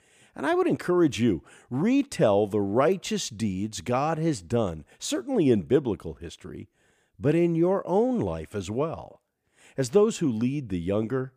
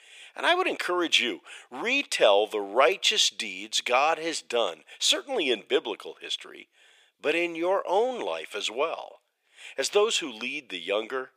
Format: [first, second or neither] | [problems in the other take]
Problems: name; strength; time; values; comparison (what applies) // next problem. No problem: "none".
first | thin; very; fading below 500 Hz